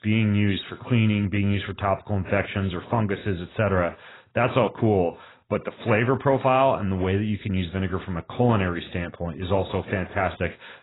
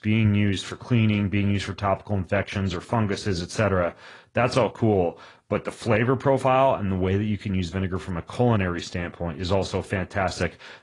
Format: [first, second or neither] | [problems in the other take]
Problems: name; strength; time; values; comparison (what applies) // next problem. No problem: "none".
second | garbled, watery; badly; nothing above 4 kHz; slightly in the second